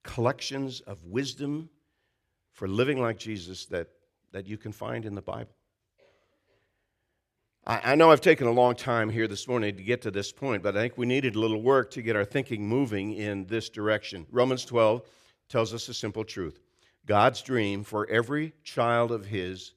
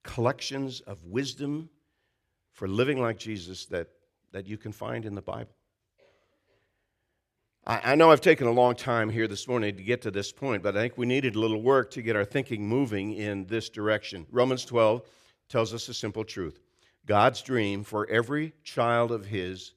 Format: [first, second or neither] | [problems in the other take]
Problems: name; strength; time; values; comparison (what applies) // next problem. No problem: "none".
neither | none